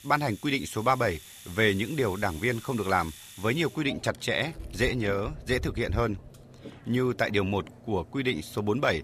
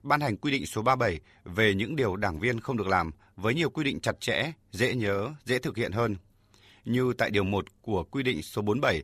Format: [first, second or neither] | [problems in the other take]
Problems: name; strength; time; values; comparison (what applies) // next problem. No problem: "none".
second | household noises; noticeable; throughout; 15 dB below the speech